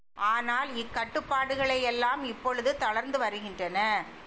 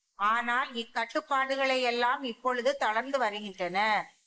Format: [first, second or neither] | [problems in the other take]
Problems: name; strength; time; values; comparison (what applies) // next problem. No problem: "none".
first | noise reduction (neural mask model Resemble Enhance denoiser)